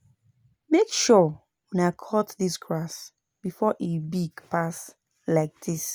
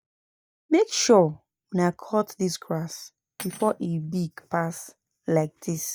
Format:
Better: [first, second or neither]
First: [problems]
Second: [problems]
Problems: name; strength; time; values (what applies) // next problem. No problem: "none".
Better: first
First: none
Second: noise reduction (neural mask model DeepFilterNet 3)